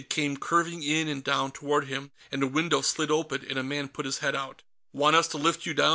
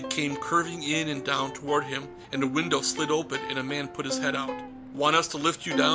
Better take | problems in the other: first | background sound (Plucked string instrument); 8 dB below the speech

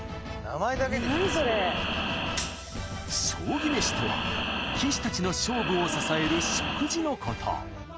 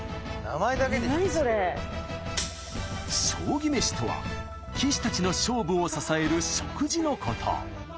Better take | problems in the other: second | background sound (Breathing); 2 dB below the speech

